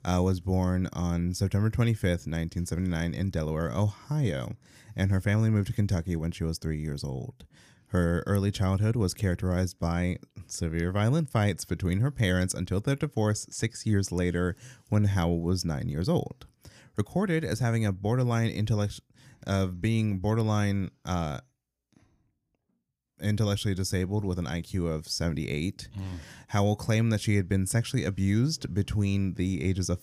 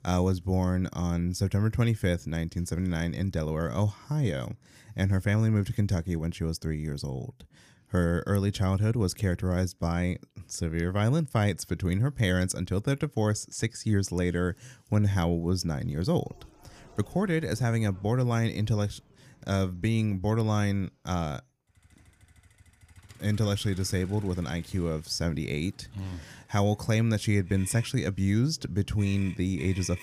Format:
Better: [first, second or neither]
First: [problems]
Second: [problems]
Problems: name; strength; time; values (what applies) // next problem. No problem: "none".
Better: first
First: none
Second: traffic noise; faint; from 16 s on; 25 dB below the speech